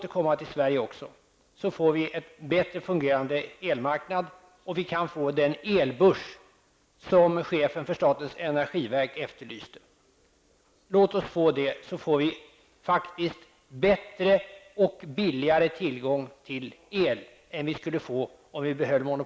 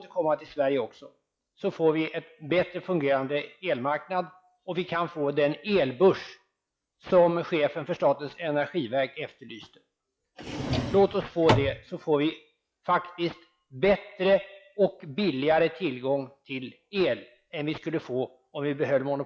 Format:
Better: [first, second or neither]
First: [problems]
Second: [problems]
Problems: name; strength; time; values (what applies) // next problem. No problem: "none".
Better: first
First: none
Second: noise reduction (classical method log-MMSE)